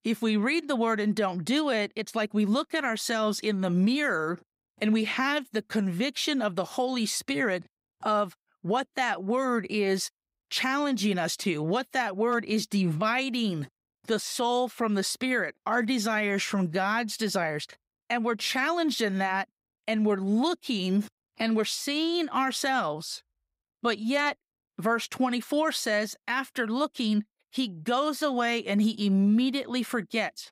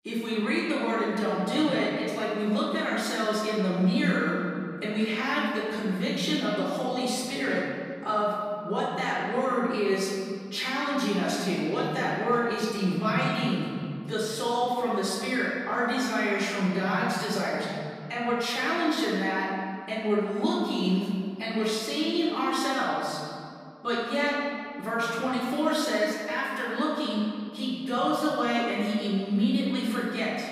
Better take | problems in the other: first | off-mic speech; far // room echo; strong; dies away in 2 s

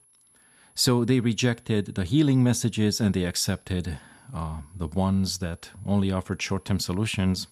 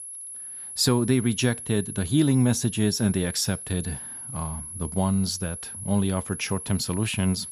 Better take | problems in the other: first | high-pitched whine; loud; throughout; 10.5 kHz, 9 dB below the speech; faint in the first

